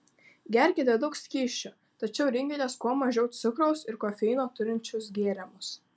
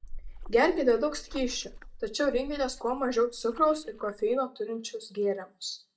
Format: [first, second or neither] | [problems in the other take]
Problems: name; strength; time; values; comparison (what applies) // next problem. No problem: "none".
first | noise reduction (neural mask model DeepFilterNet 3)